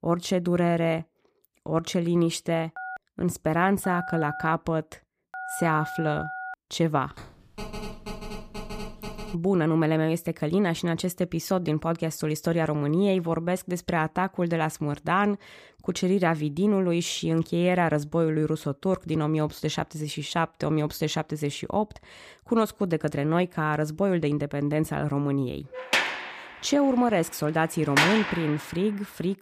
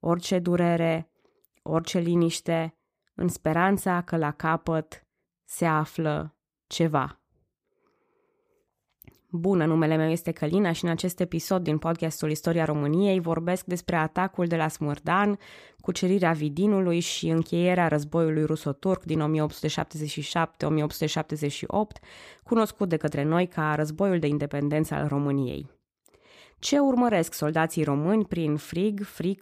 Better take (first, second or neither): second